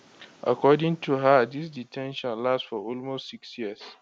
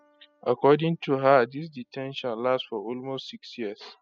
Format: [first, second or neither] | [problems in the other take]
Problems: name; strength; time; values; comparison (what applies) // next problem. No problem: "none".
first | noise reduction (classical method spectral subtraction)